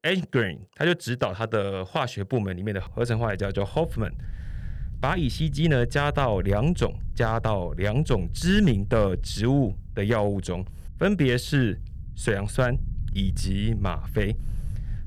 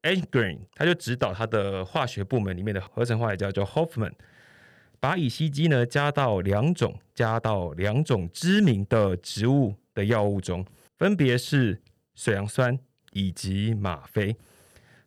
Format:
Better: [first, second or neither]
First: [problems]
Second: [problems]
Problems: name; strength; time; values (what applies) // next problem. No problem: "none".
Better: second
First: low rumble; faint; from 3 s on; 25 dB below the speech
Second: none